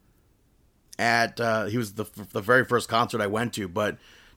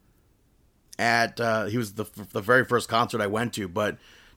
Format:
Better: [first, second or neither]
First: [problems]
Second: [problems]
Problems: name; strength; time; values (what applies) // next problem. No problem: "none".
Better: neither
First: none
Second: none